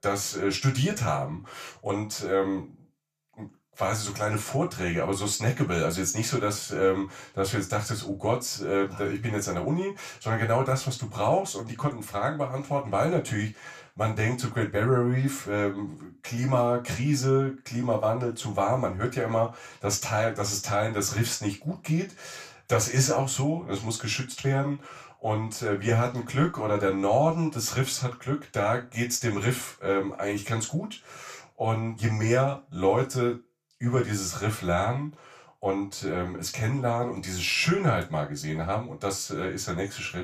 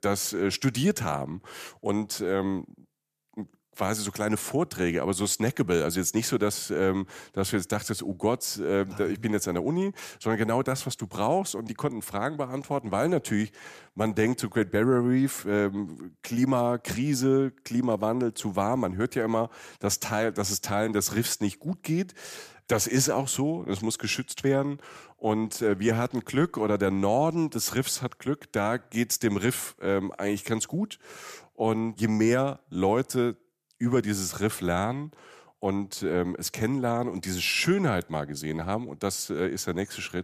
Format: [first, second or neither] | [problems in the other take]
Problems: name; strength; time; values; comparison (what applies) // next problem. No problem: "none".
second | room echo; slight; dies away in 0.2 s // off-mic speech; far